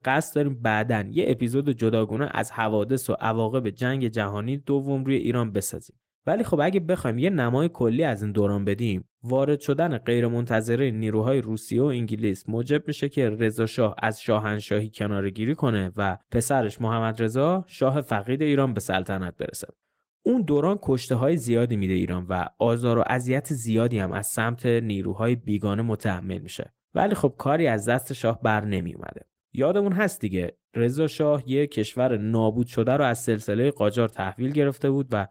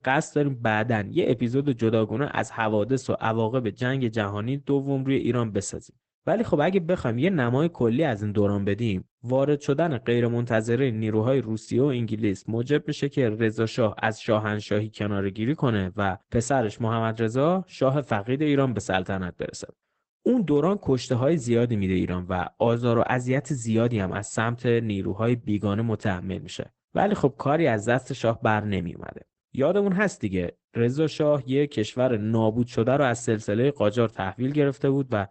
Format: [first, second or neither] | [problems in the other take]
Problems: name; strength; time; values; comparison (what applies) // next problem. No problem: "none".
first | garbled, watery; badly; nothing above 8 kHz; slightly in the first